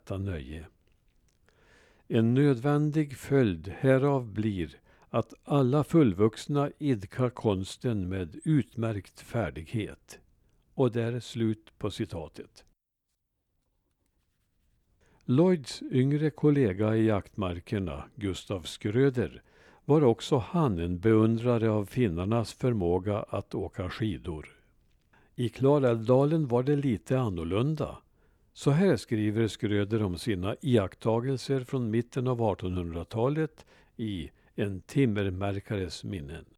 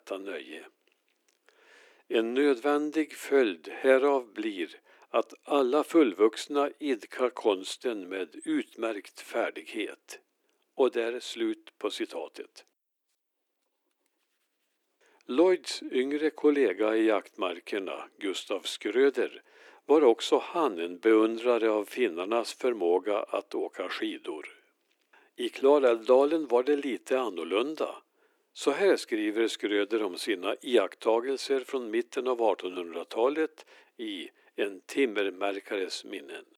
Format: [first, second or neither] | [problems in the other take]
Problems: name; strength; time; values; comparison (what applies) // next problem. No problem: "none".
first | thin; somewhat; fading below 300 Hz